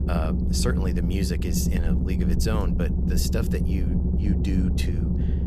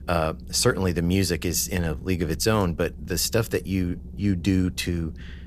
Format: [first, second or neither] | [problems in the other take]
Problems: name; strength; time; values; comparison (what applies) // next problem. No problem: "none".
second | low rumble; loud; throughout; 2 dB below the speech; faint in the second